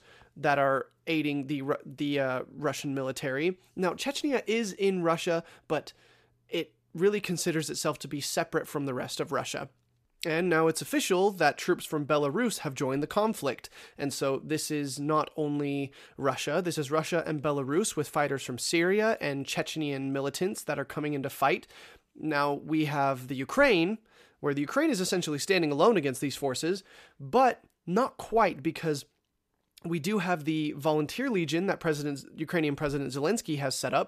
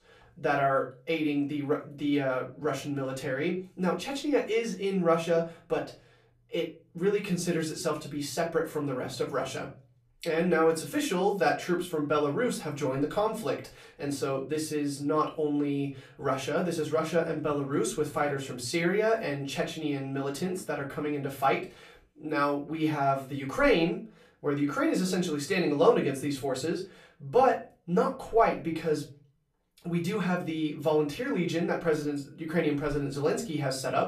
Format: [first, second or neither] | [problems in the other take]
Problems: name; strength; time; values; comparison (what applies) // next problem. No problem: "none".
first | off-mic speech; far // room echo; very slight; dies away in 0.3 s